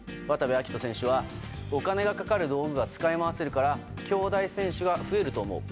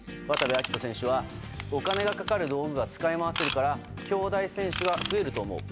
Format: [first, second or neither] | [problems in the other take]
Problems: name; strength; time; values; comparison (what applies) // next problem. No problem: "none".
first | background sound (Ratchet, pawl / Tools); 9 dB below the speech